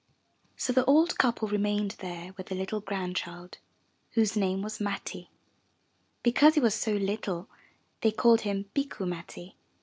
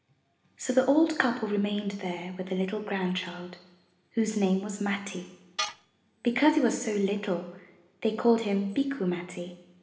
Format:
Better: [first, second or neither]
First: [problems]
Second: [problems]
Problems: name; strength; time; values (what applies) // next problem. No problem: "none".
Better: first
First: none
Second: background sound (Tools); 14 dB below the speech // room echo; dies away in 1.1 s